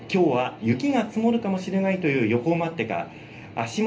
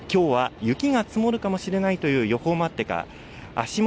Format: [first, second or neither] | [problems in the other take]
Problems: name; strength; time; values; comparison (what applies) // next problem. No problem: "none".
second | room echo; dies away in 0.3 s